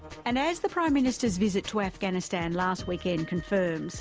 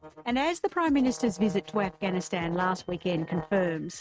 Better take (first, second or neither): first